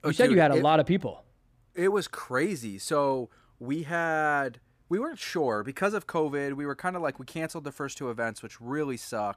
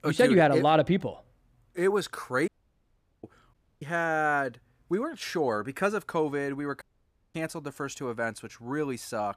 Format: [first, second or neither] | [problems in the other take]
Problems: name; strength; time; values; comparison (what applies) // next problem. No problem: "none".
first | audio cutting out; at 2.5 s for 1 s, at 3.5 s and at 7 s for 0.5 s